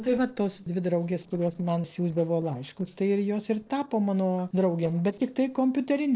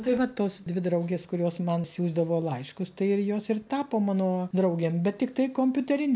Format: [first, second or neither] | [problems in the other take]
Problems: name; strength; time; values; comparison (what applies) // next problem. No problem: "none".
second | noise reduction (neural separator model SepFormer DNS4)